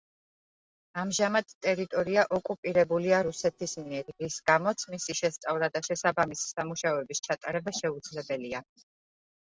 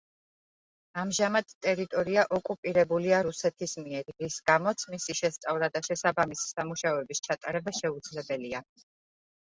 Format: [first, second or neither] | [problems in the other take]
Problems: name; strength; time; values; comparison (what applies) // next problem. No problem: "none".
second | noise reduction (neural separator model SepFormer DNS4)